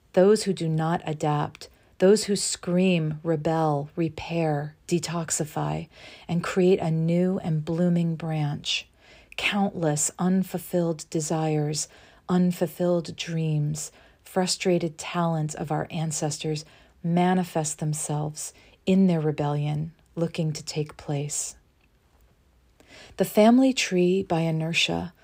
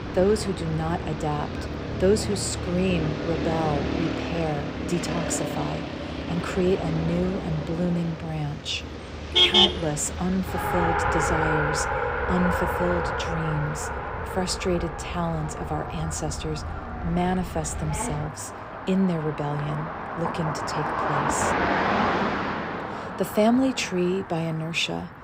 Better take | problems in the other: first | traffic noise; very loud; throughout; as loud as the speech

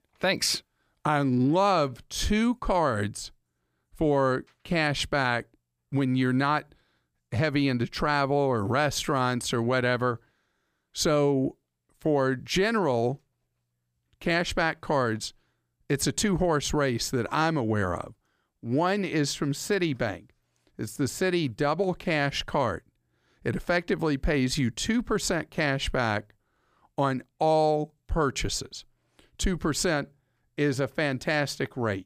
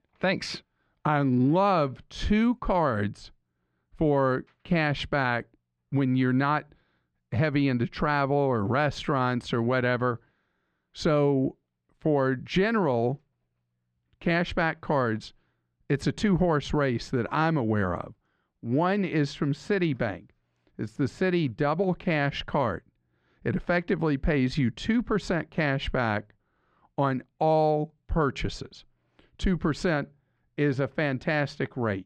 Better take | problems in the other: first | muffled; slightly; fading above 3 kHz

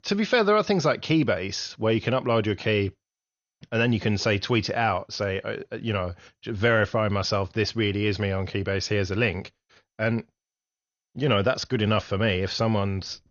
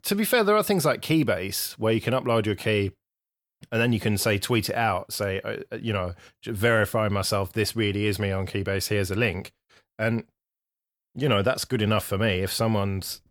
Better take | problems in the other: second | garbled, watery; slightly; nothing above 6.5 kHz

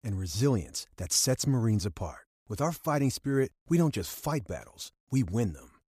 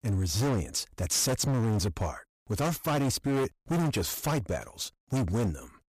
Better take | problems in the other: first | distortion; heavy; 22% of the sound clipped

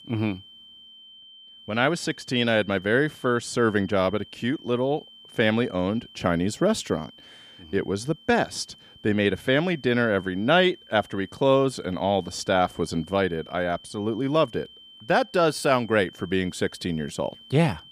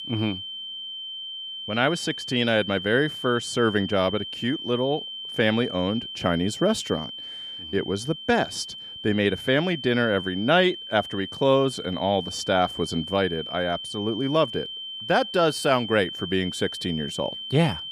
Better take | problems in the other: first | high-pitched whine; loud; throughout; 3 kHz, 8 dB below the speech; faint in the first

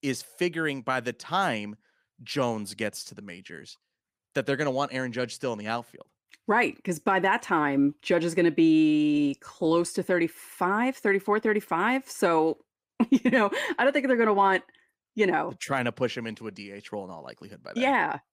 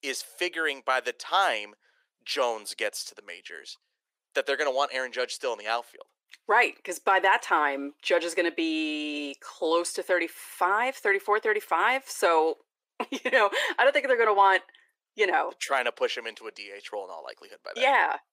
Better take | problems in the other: first | thin; very; fading below 450 Hz

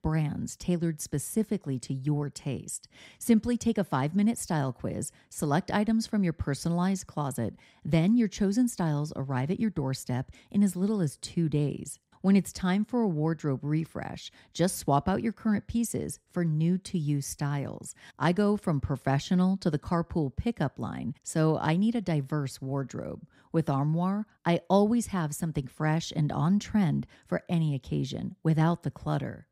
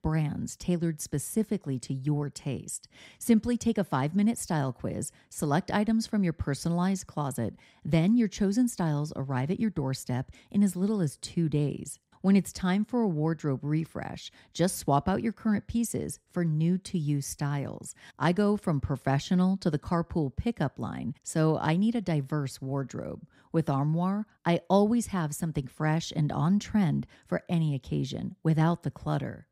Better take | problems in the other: neither | none

